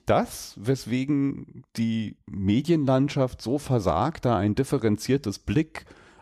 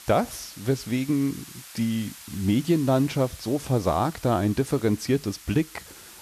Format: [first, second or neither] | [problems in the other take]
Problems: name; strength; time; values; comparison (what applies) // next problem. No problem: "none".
first | hiss; noticeable; throughout; 15 dB below the speech